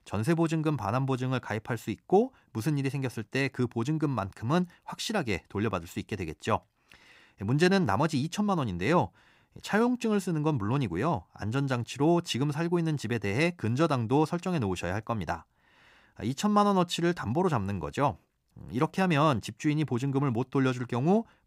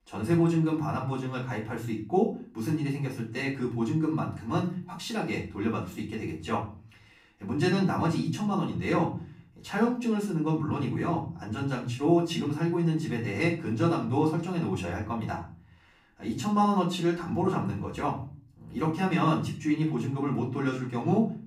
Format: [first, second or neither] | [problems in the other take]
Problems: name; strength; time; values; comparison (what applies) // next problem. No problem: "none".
first | room echo; slight; dies away in 0.4 s // off-mic speech; far